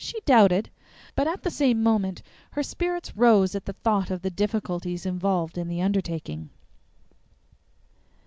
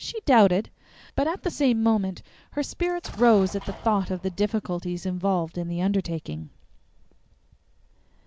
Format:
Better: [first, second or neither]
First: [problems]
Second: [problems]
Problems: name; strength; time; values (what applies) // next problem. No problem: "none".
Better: first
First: none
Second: background sound (Explosion); 18 dB below the speech